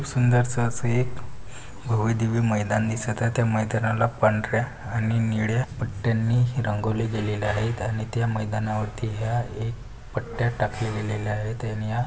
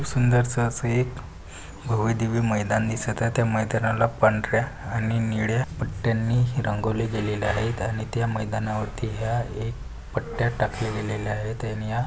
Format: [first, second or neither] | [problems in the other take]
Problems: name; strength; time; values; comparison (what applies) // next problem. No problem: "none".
second | room echo; dies away in 1.9 s